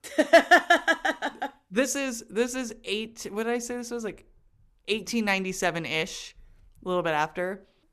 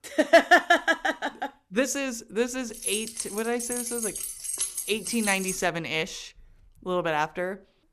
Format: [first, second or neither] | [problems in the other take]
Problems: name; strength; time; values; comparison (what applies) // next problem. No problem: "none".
first | jangling keys; noticeable; from 2.5 to 5.5 s; peak 2 dB below the speech